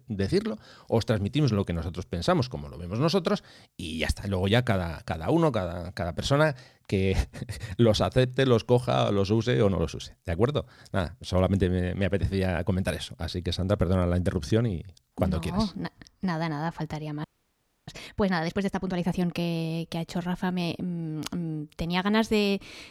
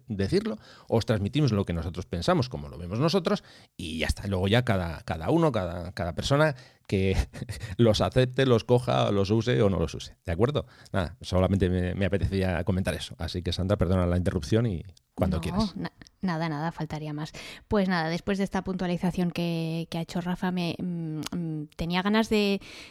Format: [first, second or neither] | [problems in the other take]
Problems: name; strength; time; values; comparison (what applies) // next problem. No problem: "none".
second | audio freezing; at 17 s for 0.5 s